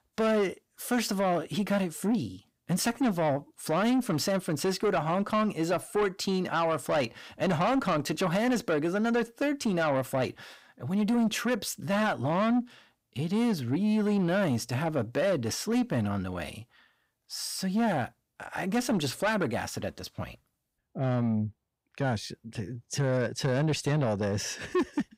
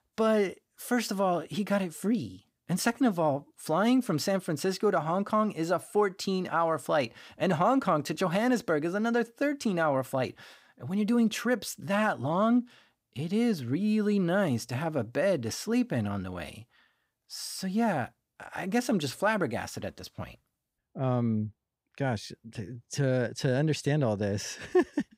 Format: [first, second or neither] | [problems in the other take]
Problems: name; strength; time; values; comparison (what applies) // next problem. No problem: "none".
second | distortion; slight; 10 dB below the speech